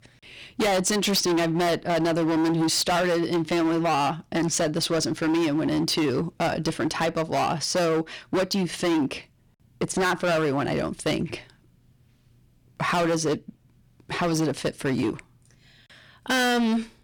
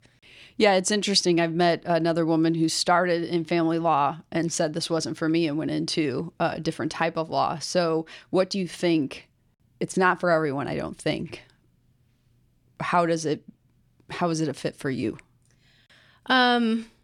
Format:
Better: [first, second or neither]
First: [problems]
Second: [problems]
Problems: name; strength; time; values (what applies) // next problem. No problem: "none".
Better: second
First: distortion; heavy; 20% of the sound clipped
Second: none